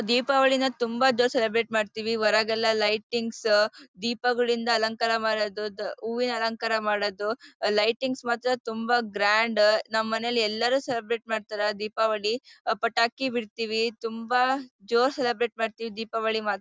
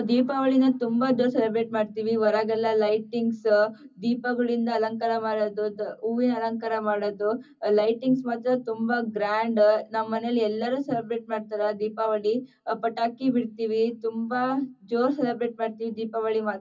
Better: first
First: none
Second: room echo; dies away in 0.4 s

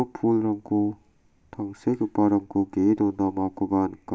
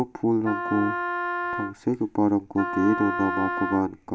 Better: first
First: none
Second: background sound (Wind instrument, woodwind instrument); 5 dB below the speech

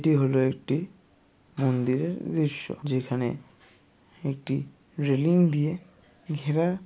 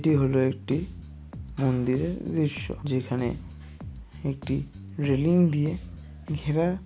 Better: first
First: none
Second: background sound (Bass guitar); 13 dB below the speech

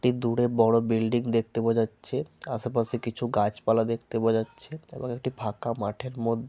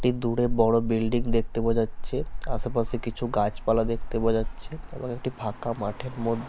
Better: first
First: none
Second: background sound (Motor vehicle (road)); 3 dB below the speech

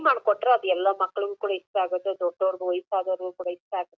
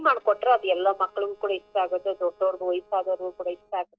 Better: first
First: none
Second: noise reduction (neural separator model SepFormer DNS4)

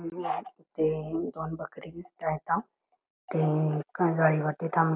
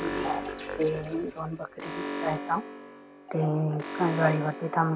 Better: first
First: none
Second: background sound (Alarm); 7 dB below the speech

